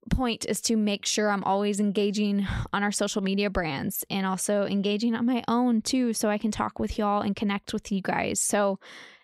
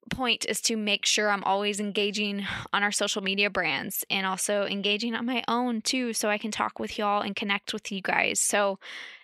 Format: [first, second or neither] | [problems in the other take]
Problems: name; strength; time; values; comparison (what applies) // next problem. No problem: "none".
first | thin; very slightly; fading below 400 Hz